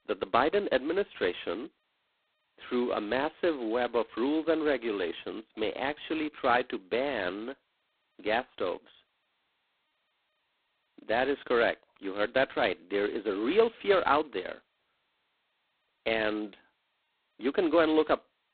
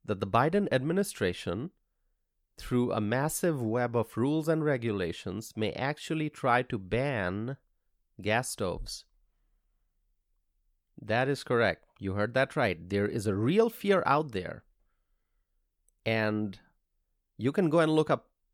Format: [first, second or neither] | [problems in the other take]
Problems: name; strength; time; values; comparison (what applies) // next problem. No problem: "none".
second | phone-call audio; poor line; nothing above 4 kHz